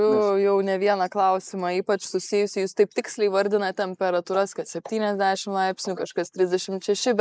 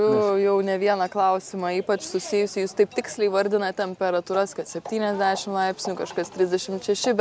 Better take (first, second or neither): second